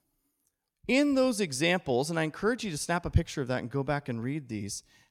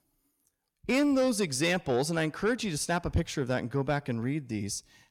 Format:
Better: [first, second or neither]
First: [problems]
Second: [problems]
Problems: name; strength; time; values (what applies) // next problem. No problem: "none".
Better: first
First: none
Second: distortion; slight; 10 dB below the speech